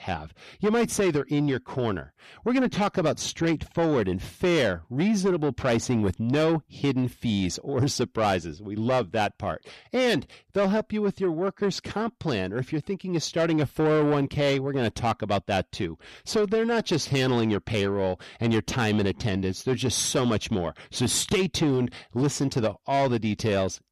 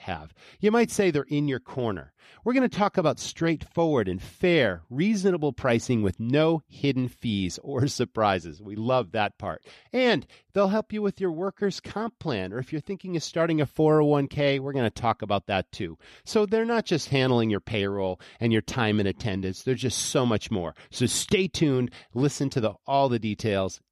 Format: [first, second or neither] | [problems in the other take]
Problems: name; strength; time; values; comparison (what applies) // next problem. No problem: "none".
second | distortion; slight; 10 dB below the speech